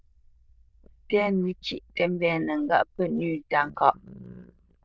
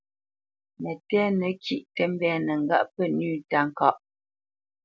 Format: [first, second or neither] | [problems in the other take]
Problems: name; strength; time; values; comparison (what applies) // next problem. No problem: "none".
second | noise reduction (neural diffusion model UNIVERSE++)